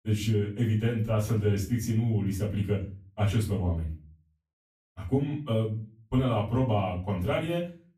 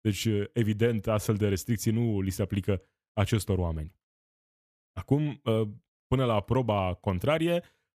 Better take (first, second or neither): second